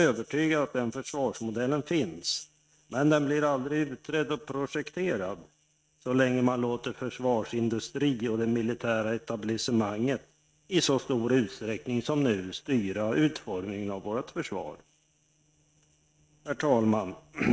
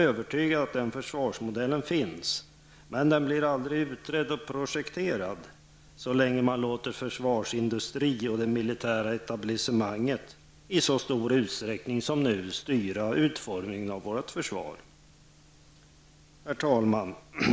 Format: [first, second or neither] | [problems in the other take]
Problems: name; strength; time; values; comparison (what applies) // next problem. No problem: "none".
second | noise reduction (neural mask model RNNoise)